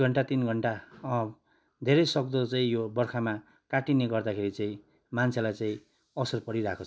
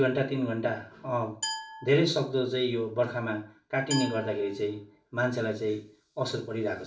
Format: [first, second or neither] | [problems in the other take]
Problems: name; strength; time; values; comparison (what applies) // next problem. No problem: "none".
first | background sound (Glass); 12 dB below the speech // room echo; dies away in 0.4 s